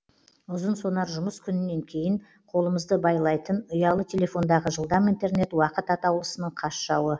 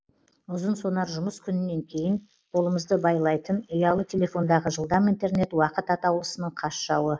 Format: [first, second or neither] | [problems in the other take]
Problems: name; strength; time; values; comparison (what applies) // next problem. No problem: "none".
first | noise reduction (neural mask model Resemble Enhance denoiser)